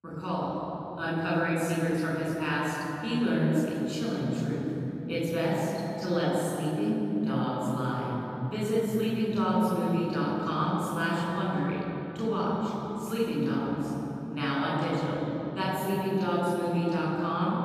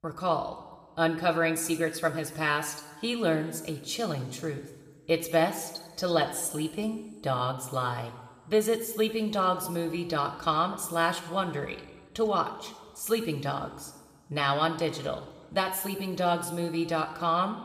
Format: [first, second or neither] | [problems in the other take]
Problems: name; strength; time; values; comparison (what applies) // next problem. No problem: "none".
second | room echo; strong; dies away in 3 s; slight in the second // off-mic speech; far